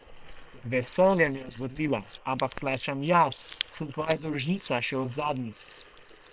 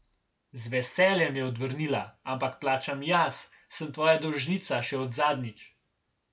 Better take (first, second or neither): second